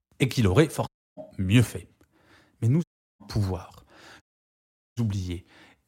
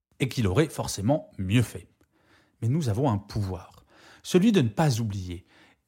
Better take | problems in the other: second | audio cutting out; at 1 s, at 3 s and at 4 s for 0.5 s

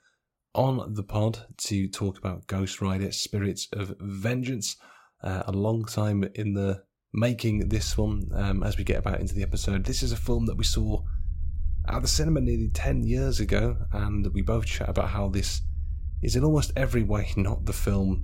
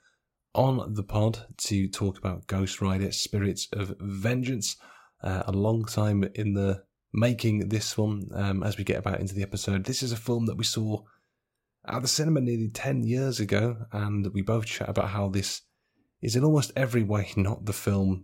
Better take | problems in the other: second | low rumble; faint; from 7.5 s on; 20 dB below the speech

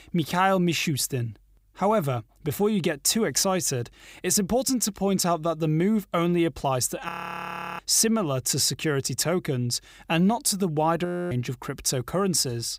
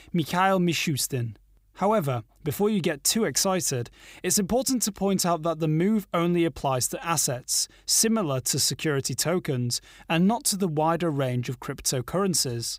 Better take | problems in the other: second | audio freezing; at 7 s for 0.5 s and at 11 s

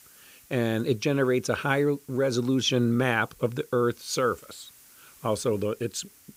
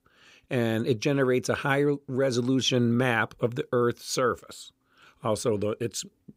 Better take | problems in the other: second | hiss; faint; throughout; 25 dB below the speech

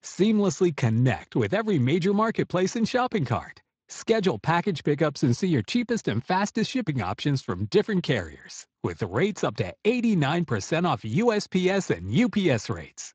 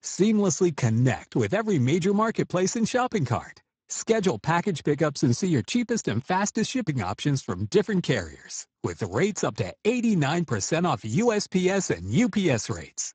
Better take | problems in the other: first | garbled, watery; badly; nothing above 7.5 kHz; slightly in the first

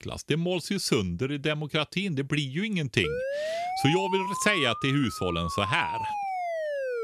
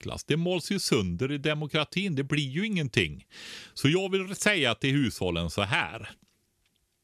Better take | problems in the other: second | siren; noticeable; from 3 s on; peak 3 dB below the speech

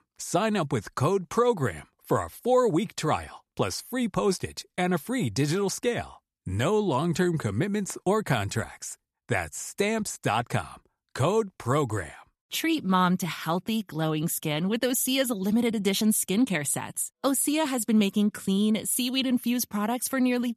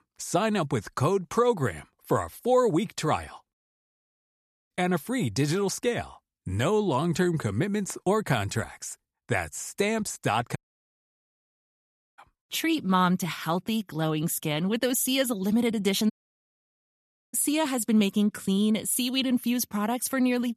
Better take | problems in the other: first | audio cutting out; at 3.5 s for 1 s, at 11 s for 1.5 s and at 16 s for 1 s

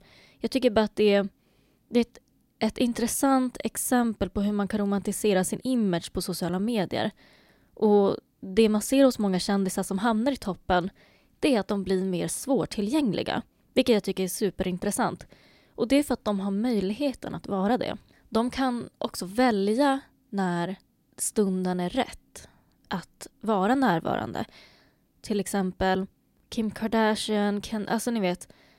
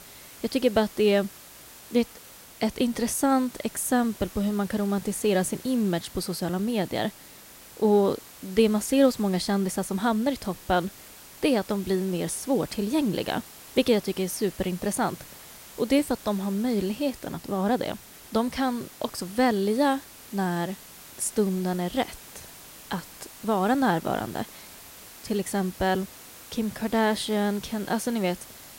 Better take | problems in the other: first | hiss; noticeable; throughout; 15 dB below the speech

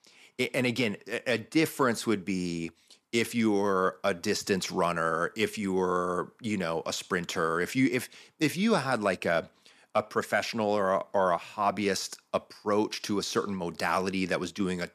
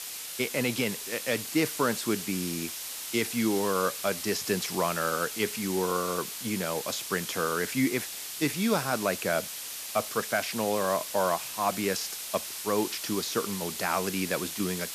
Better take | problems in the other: first | hiss; loud; throughout; 5 dB below the speech

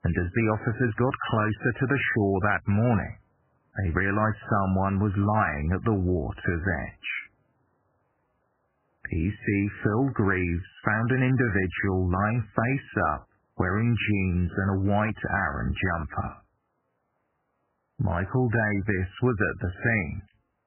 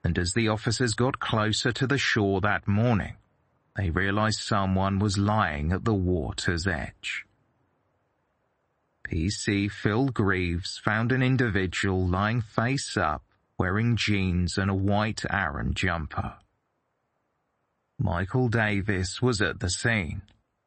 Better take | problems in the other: second | garbled, watery; badly; nothing above 3 kHz; slightly in the second

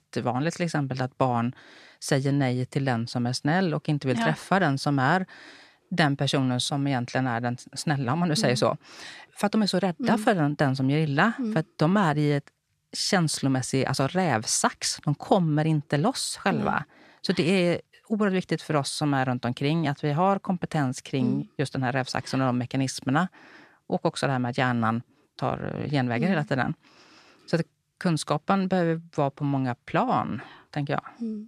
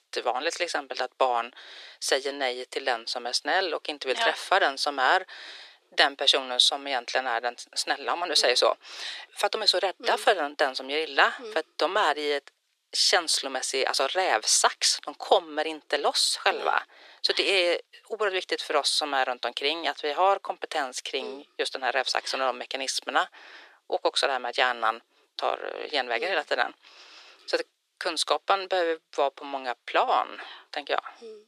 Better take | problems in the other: first | thin; very; fading below 400 Hz

